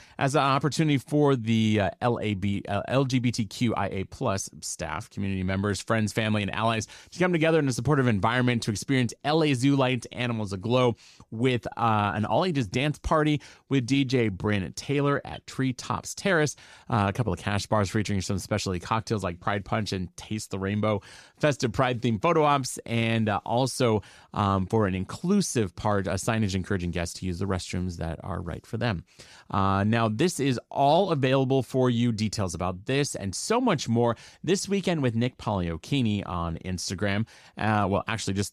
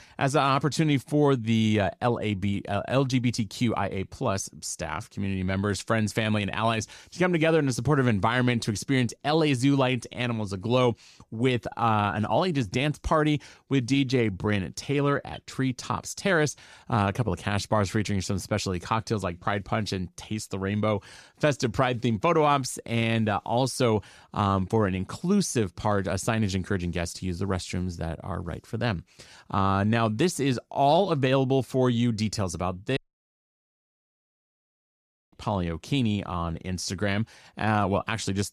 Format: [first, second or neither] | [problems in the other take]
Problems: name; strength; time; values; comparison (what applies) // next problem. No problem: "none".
first | audio cutting out; at 33 s for 2.5 s